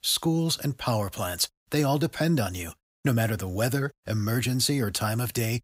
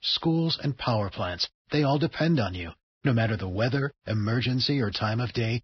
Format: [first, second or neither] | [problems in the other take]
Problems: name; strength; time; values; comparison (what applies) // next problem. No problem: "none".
first | garbled, watery; badly; nothing above 5 kHz